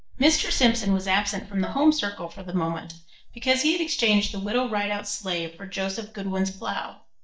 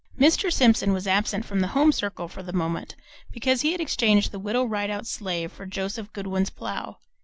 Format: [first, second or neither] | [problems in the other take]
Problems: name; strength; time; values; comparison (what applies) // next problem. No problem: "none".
second | noise reduction (neural mask model DeepFilterNet 3)